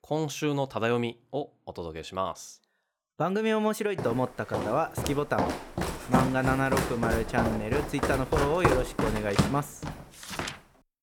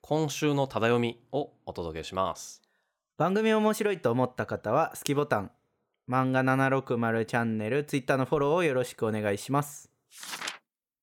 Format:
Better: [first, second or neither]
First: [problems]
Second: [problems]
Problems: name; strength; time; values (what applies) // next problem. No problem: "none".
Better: second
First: footsteps; loud; from 4 to 10 s; peak 3 dB above the speech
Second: none